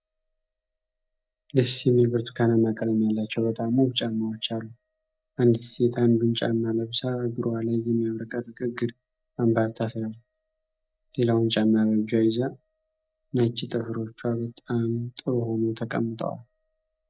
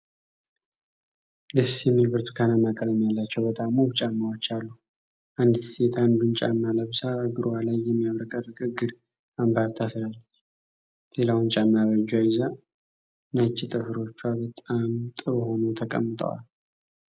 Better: second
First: noise reduction (neural mask model DeepFilterNet 3)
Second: none

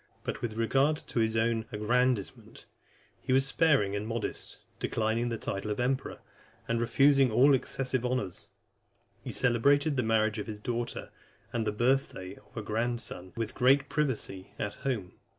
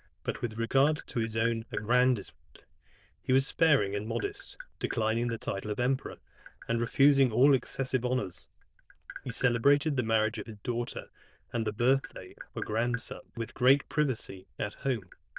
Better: first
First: none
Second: noise reduction (neural diffusion model UNIVERSE++)

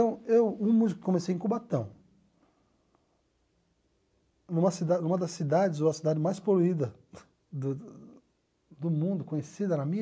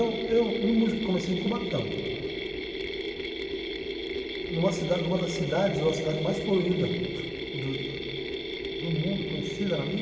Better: first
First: none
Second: background sound (Mechanisms); 4 dB below the speech // room echo; dies away in 2.7 s

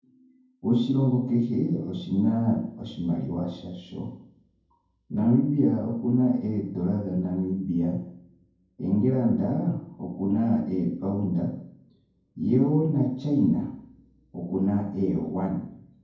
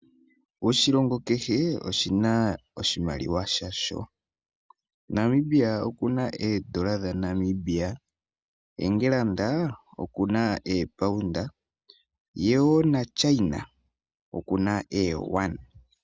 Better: second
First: room echo; dies away in 0.9 s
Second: none

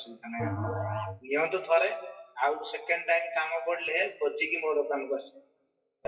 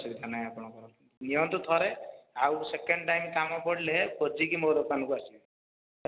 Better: second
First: noise reduction (classical method WPE with log-MMSE)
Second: none

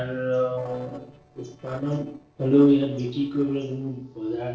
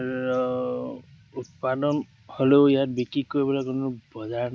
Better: second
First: noise reduction (neural separator model SepFormer DNS4)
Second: none

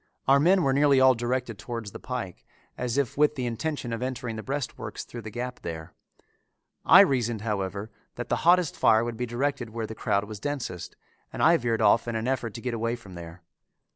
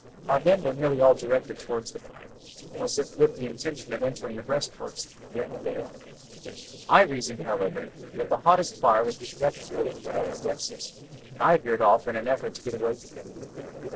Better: first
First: none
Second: noise reduction (neural separator model SepFormer DNS4)

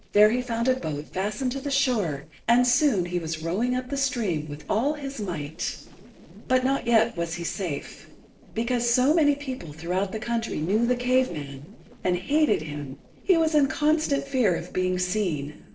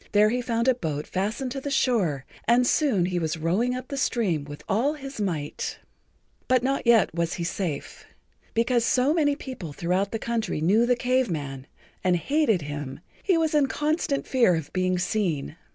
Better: second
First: noise reduction (neural separator model SepFormer DNS4)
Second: none

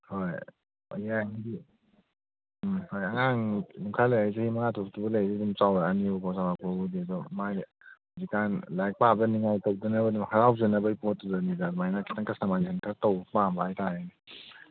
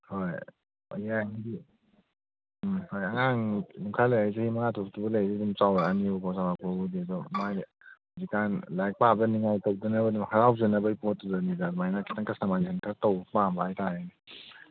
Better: first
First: none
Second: background sound (Bowed string instrument); 9 dB below the speech

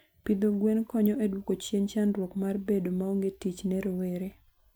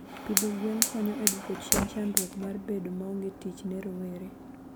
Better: first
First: none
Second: background sound (Fire); as loud as the speech

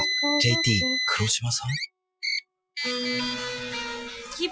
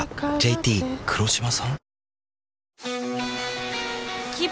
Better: second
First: noise reduction (classical method Wiener filter)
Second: none

